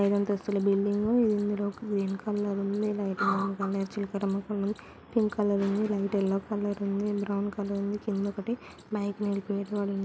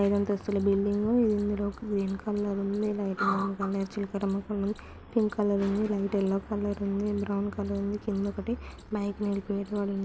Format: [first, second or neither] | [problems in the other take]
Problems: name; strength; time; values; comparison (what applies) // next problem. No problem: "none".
first | background sound (Engine / Car); 18 dB below the speech